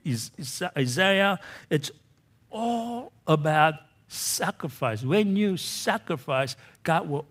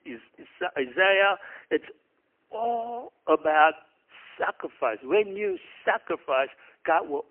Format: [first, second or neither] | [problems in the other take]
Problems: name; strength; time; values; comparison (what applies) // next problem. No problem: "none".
first | phone-call audio; poor line; nothing above 3 kHz